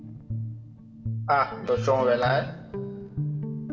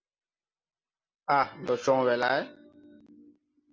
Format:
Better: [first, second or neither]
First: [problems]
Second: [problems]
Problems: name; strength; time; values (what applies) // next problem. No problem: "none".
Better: second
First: background sound (Guitar); 5 dB below the speech // room echo; dies away in 1.4 s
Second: none